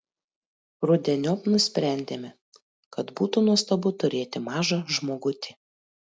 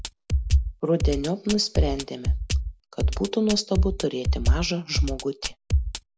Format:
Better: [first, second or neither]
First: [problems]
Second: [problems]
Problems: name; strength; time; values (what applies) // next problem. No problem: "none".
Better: first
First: none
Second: background sound (Drum kit); 3 dB above the speech